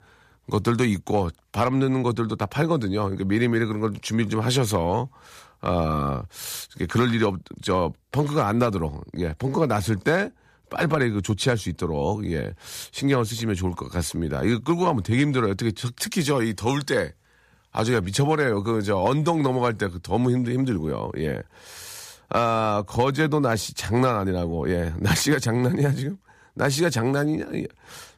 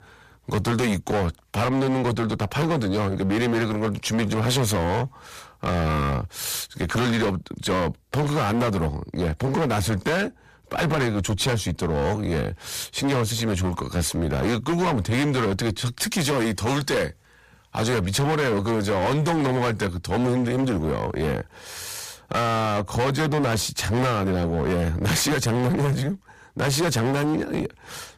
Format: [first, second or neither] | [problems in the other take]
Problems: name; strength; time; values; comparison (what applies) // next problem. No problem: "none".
first | distortion; heavy; 25% of the sound clipped